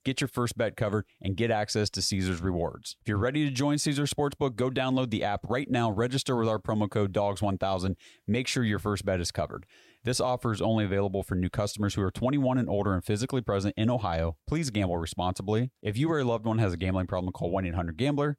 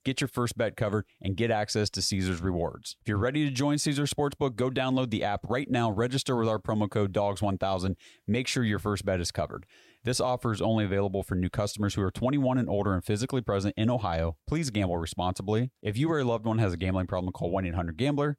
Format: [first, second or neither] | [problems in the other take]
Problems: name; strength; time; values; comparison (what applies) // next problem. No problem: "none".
neither | none